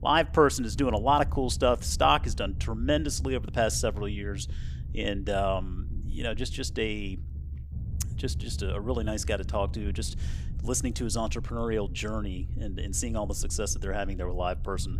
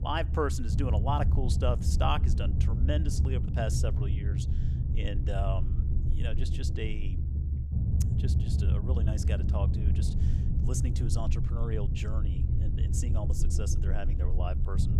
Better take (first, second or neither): first